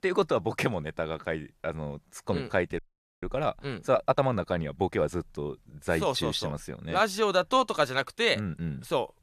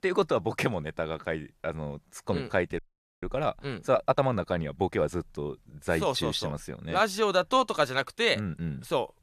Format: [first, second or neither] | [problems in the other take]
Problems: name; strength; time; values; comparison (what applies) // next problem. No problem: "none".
neither | audio freezing; at 3 s; the same in both